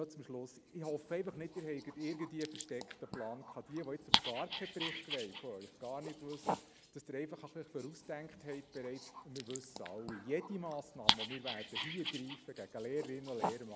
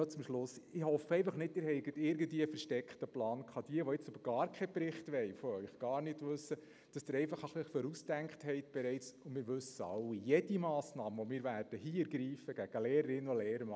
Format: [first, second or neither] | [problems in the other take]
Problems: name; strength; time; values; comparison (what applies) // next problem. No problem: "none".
second | background sound (Dog); 1 dB above the speech